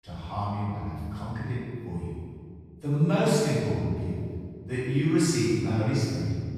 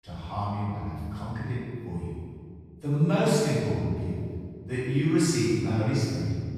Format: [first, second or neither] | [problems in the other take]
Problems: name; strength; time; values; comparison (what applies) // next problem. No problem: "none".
neither | off-mic speech; far; the same in both // room echo; strong; dies away in 1.9 s; the same in both